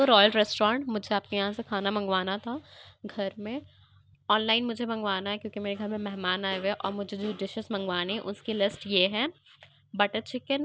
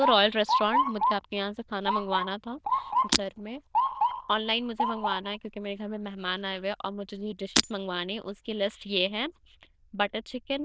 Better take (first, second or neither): first